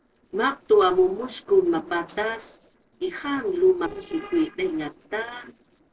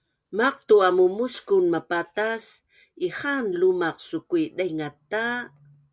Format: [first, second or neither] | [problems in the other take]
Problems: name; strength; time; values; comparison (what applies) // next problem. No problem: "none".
second | noise reduction (neural separator model SepFormer DNS4)